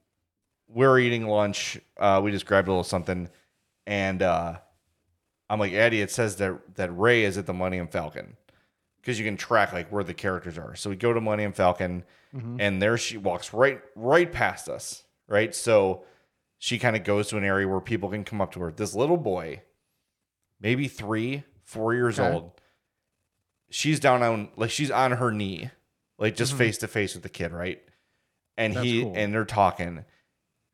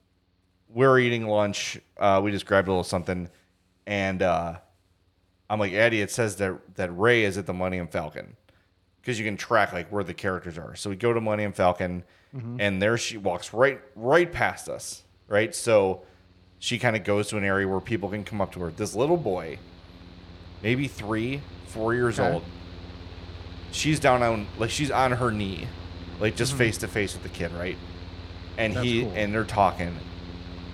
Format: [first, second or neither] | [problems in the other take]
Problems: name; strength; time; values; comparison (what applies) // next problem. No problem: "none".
first | machinery noise; noticeable; throughout; 15 dB below the speech